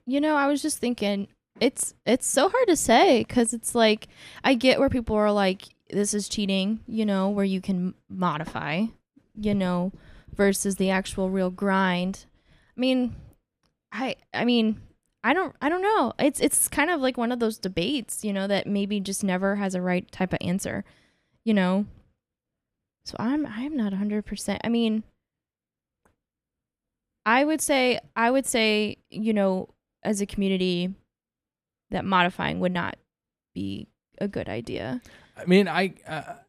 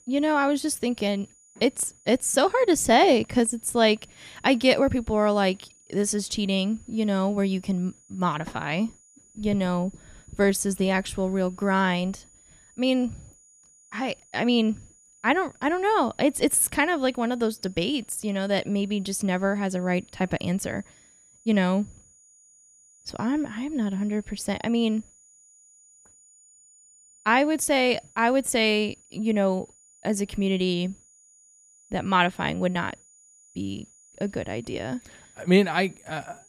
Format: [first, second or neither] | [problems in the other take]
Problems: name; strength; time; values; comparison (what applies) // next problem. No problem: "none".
first | high-pitched whine; faint; throughout; 7 kHz, 30 dB below the speech